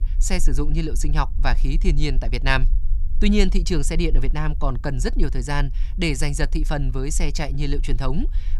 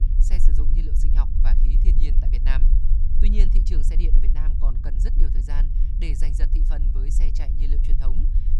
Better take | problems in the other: first | low rumble; loud; throughout; 4 dB below the speech; faint in the first

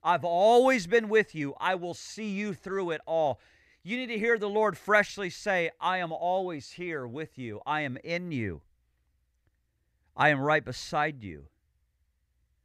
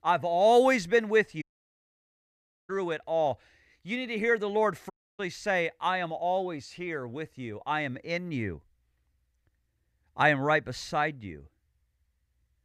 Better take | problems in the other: first | audio cutting out; at 1.5 s for 1.5 s and at 5 s

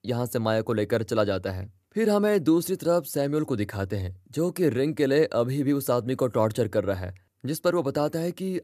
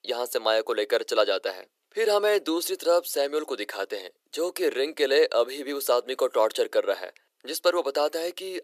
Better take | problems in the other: first | thin; very; fading below 400 Hz

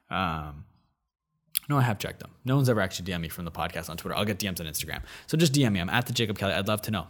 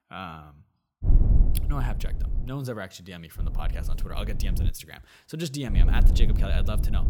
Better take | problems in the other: first | low rumble; loud; from 1 to 2.5 s, from 3.5 to 4.5 s and from 5.5 s on; 6 dB below the speech

